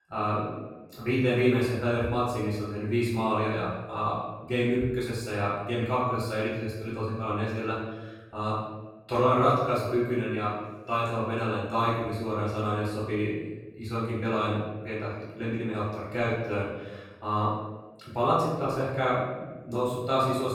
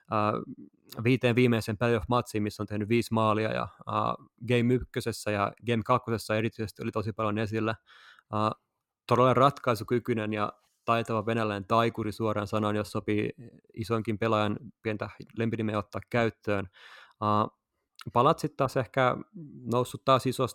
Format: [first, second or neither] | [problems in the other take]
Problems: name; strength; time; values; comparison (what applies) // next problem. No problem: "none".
second | room echo; strong; dies away in 0.9 s // off-mic speech; far